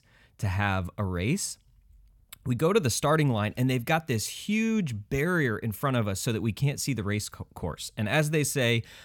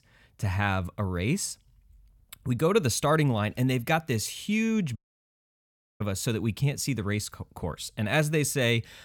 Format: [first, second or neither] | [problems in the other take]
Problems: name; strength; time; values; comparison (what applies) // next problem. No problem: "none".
first | audio cutting out; at 5 s for 1 s